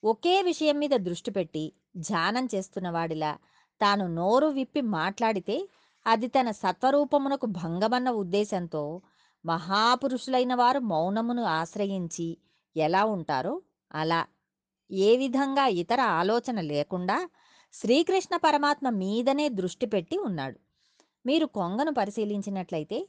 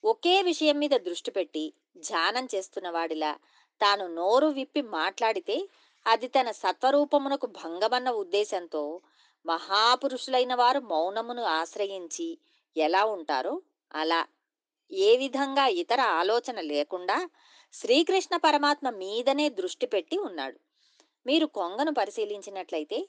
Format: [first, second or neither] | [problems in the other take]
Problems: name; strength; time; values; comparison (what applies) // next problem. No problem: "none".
first | thin; very slightly; fading below 300 Hz